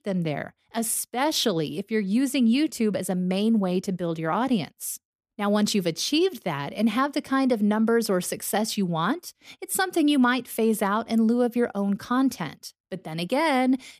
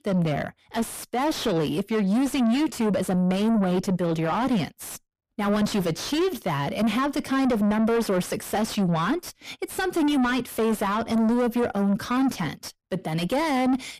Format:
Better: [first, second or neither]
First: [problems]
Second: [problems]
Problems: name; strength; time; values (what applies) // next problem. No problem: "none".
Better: first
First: none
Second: distortion; heavy; 7 dB below the speech